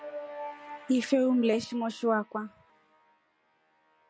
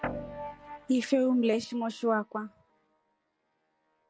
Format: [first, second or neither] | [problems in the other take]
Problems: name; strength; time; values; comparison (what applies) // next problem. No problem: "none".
first | noise reduction (neural separator model SepFormer DNS4)